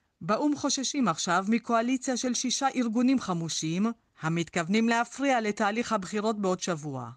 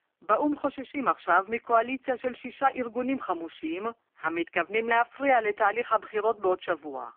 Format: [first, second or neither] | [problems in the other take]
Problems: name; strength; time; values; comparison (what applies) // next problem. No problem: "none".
first | phone-call audio; poor line